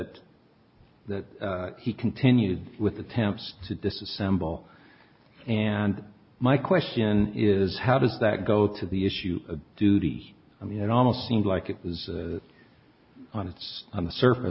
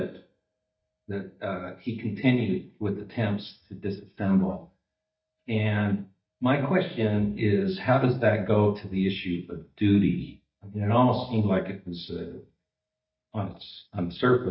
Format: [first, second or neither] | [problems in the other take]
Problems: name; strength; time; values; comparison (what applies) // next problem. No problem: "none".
first | noise reduction (neural mask model DeepFilterNet 3)